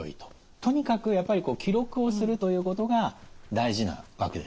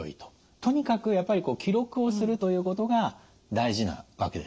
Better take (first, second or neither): second